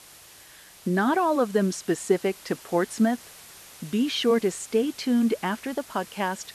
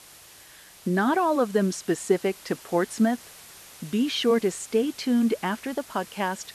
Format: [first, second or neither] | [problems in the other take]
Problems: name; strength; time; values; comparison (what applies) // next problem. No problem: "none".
neither | hiss; noticeable; throughout; 20 dB below the speech; the same in both